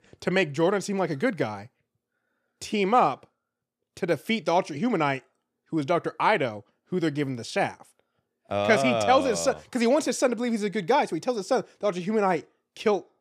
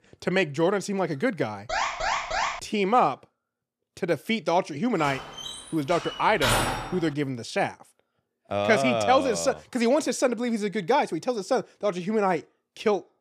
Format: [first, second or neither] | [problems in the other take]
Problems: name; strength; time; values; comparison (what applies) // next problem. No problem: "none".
first | alarm; noticeable; at 1.5 s; peak level with the speech // door banging; loud; from 5 to 7 s; peak 2 dB above the speech